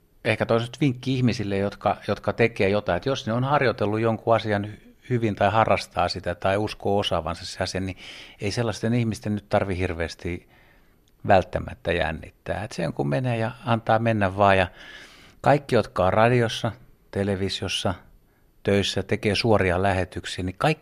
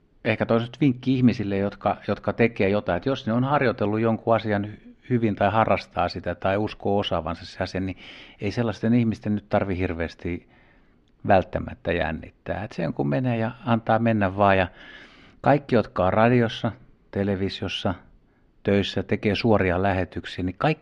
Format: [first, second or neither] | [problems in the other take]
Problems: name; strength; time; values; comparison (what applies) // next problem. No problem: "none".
first | muffled; very slightly; fading above 3.5 kHz